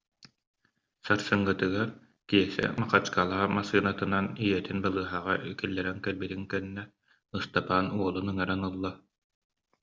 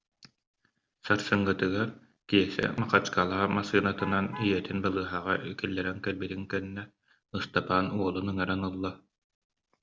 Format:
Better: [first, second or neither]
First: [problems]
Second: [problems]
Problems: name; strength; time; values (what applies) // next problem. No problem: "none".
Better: first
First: none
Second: background sound (Alarm / Truck); 15 dB below the speech